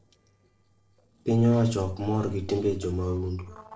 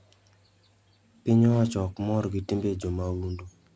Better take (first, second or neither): second